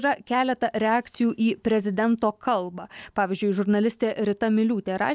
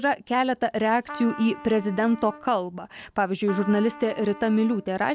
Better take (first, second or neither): first